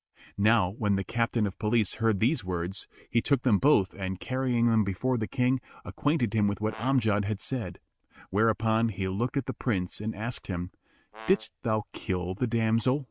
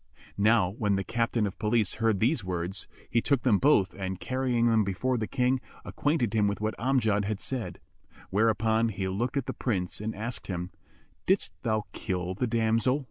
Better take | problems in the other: second | noise reduction (neural mask model RNNoise)

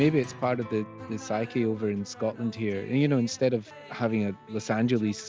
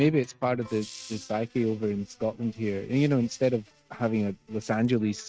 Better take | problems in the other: first | noise reduction (neural mask model RNNoise)

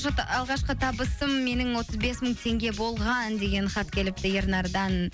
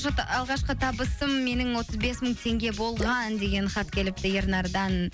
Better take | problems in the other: first | background sound (Drip / Splash, splatter); 17 dB below the speech

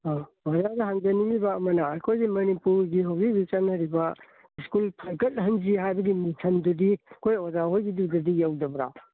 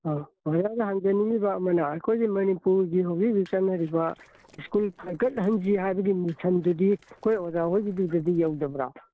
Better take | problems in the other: first | noise reduction (neural separator model SepFormer DNS4)

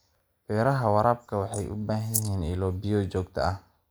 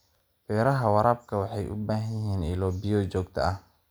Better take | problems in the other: second | noise reduction (neural mask model Resemble Enhance denoiser)

